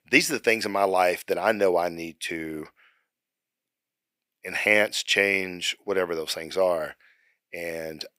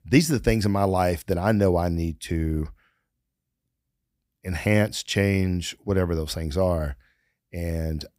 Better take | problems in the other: second | thin; very; fading below 450 Hz

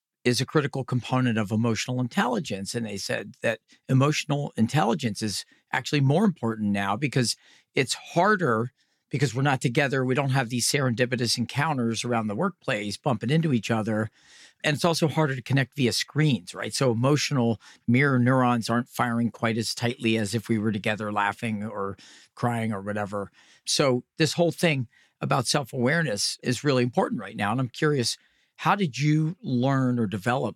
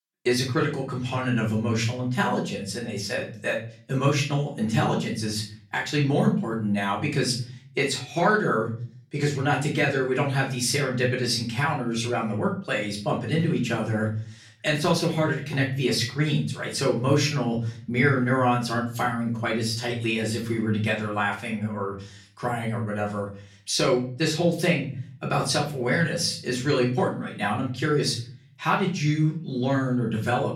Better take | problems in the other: first | room echo; slight; dies away in 0.4 s // off-mic speech; far

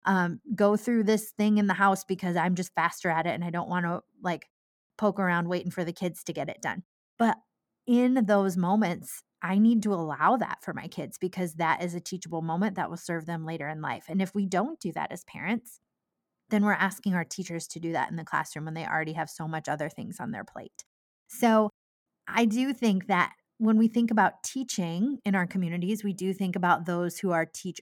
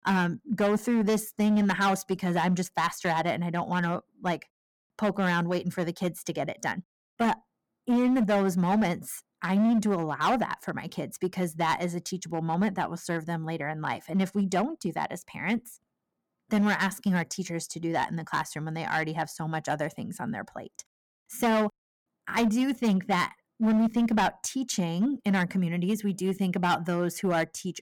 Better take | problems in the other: first | distortion; slight; 7% of the sound clipped

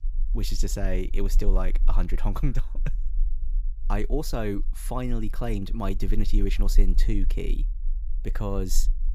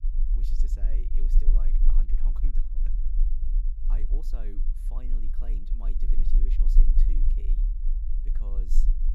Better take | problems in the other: first | low rumble; loud; throughout; 2 dB below the speech; faint in the first

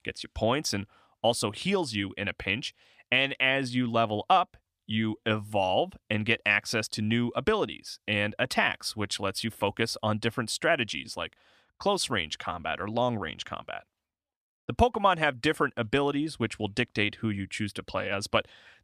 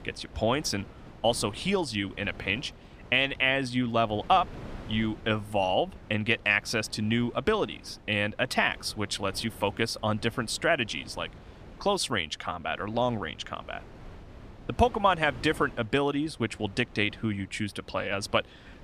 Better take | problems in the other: first | wind noise on the microphone; occasional gusts; 25 dB below the speech

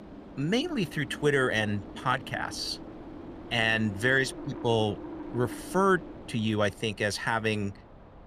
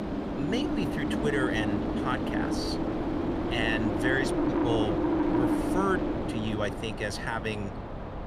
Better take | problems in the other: first | wind noise on the microphone; heavy; as loud as the speech; occasional gusts in the first

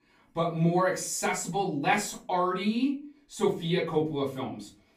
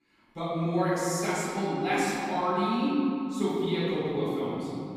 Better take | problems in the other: first | room echo; strong; dies away in 3 s; slight in the first // off-mic speech; far; far in the first

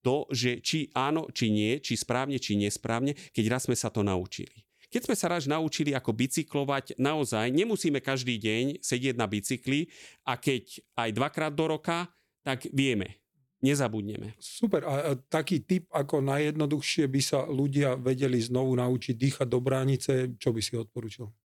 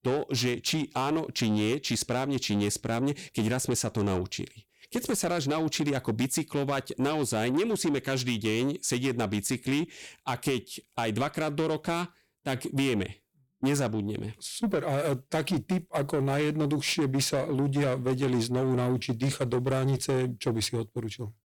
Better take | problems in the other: first | distortion; slight; 10 dB below the speech

